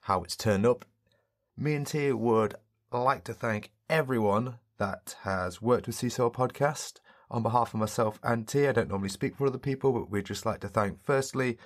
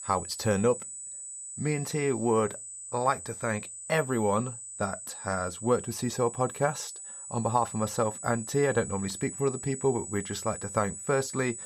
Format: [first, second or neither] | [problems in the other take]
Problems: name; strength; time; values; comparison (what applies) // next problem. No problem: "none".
first | high-pitched whine; loud; throughout; 8 kHz, 9 dB below the speech